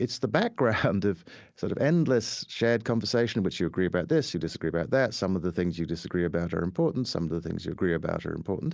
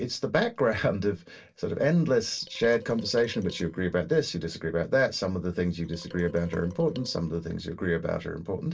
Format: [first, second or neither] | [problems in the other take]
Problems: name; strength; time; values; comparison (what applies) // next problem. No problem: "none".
first | noise reduction (neural separator model SepFormer DNS4)